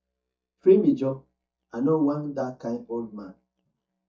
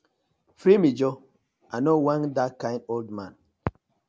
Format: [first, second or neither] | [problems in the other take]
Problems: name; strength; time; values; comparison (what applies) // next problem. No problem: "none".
second | noise reduction (neural mask model DeepFilterNet 3)